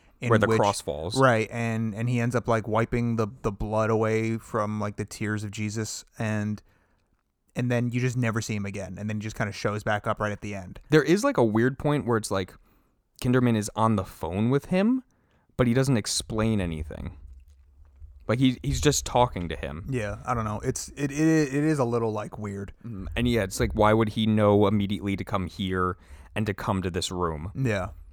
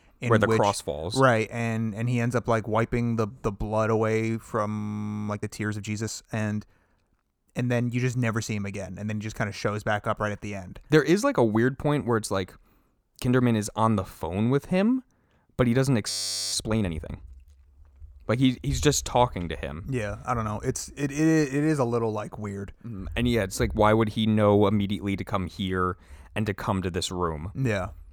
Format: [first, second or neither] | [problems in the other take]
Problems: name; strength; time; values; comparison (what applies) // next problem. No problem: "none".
first | audio freezing; at 5 s and at 16 s